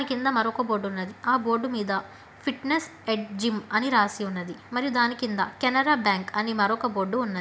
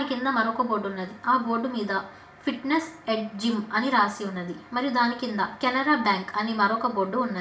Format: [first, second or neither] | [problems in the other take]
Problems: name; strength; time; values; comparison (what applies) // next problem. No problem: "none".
first | room echo; dies away in 0.4 s